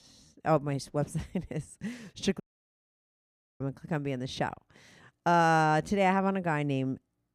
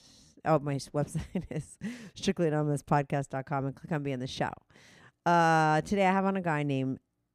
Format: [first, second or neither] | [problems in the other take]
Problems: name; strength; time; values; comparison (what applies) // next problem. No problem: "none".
second | audio cutting out; at 2.5 s for 1 s